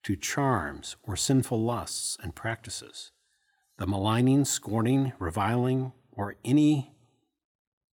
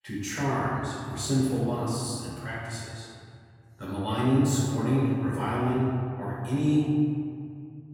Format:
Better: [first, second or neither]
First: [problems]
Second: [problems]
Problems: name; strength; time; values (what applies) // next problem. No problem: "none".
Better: first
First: none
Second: room echo; strong; dies away in 2.2 s // off-mic speech; far